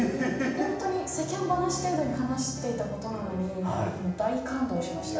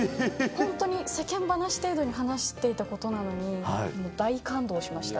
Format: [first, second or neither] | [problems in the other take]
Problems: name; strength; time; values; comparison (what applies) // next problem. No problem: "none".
second | background sound (Bowed string instrument); 12 dB below the speech // room echo; dies away in 0.9 s